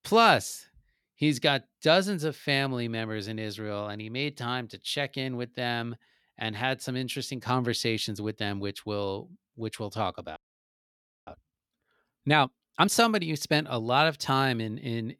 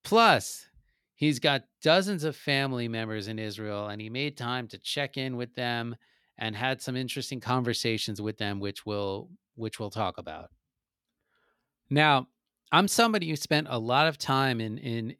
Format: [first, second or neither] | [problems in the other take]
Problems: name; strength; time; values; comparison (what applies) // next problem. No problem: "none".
second | audio freezing; at 10 s for 1 s